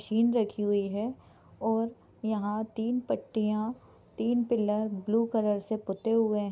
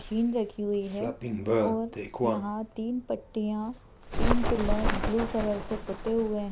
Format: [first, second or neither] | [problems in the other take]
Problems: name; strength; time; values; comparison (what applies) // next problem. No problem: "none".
first | background sound (Bird); as loud as the speech